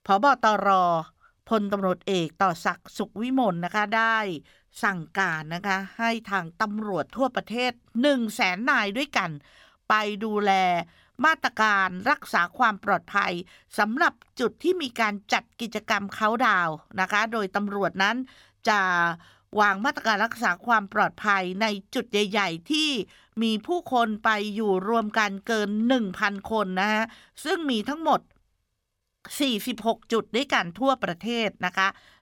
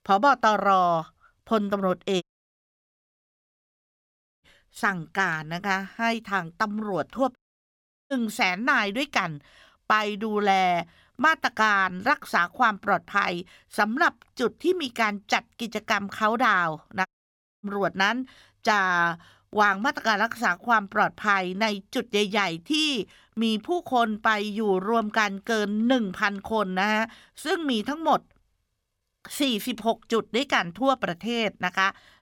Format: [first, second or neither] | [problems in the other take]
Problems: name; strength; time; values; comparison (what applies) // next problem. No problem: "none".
first | audio cutting out; at 2 s for 2 s, at 7.5 s for 0.5 s and at 17 s for 0.5 s